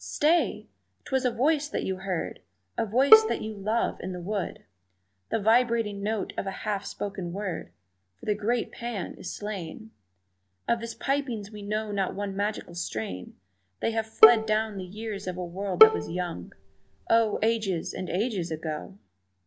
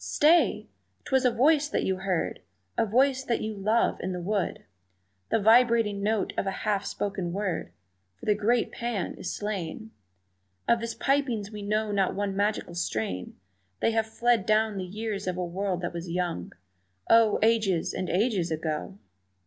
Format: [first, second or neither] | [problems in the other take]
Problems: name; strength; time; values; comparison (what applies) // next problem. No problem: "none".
second | background sound (Bowed string instrument); 4 dB above the speech